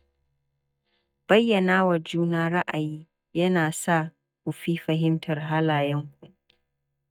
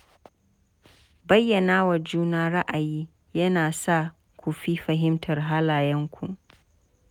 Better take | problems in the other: second | noise reduction (neural mask model DeepFilterNet 3)

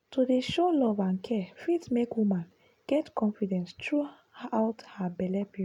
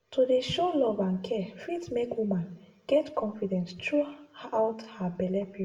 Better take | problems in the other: first | room echo; dies away in 0.5 s

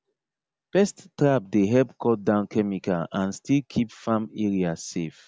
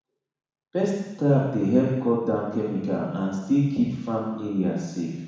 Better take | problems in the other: first | room echo; dies away in 1.1 s

